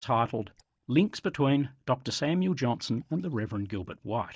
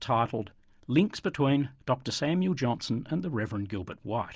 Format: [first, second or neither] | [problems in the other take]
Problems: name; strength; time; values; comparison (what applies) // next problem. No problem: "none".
second | noise reduction (neural mask model DeepFilterNet 3)